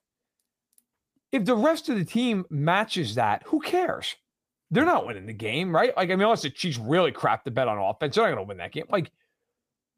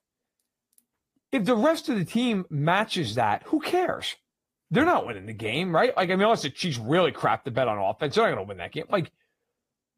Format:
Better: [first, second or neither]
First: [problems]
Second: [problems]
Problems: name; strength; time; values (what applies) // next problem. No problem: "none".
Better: first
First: none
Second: garbled, watery; slightly; nothing above 15 kHz